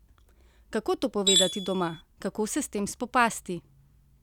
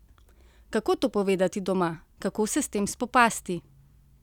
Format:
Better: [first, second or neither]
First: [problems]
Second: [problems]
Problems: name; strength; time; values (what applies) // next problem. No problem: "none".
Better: second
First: background sound (Tools); 3 dB above the speech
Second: none